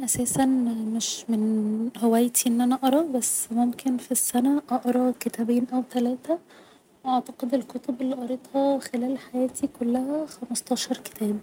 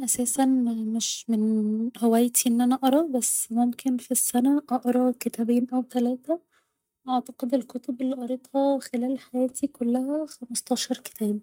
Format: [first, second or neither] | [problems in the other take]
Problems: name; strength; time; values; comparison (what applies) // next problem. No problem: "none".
first | noise reduction (neural mask model DeepFilterNet 3)